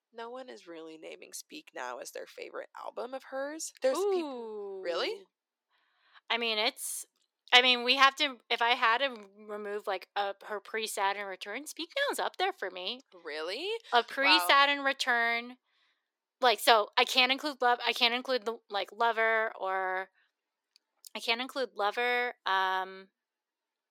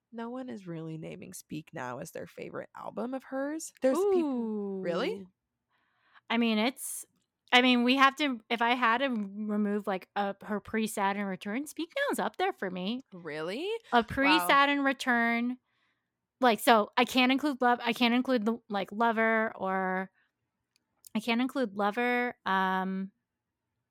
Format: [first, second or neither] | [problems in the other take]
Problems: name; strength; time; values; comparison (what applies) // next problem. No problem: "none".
second | thin; somewhat; fading below 350 Hz